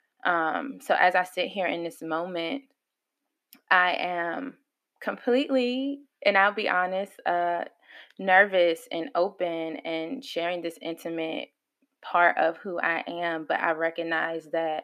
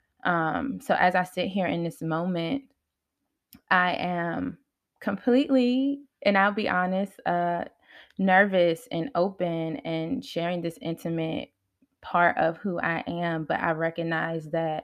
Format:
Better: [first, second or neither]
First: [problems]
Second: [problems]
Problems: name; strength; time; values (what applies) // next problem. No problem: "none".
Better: second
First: thin; somewhat; fading below 300 Hz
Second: none